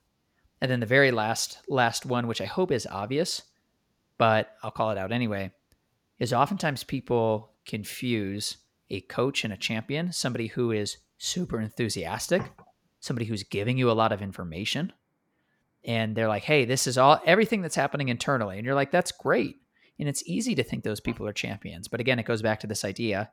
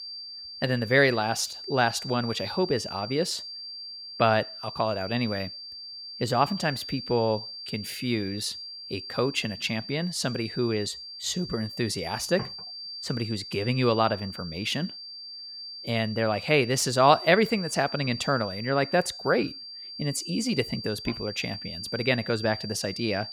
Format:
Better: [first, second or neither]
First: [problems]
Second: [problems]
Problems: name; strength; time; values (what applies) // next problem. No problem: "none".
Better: first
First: none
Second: high-pitched whine; loud; throughout; 4.5 kHz, 10 dB below the speech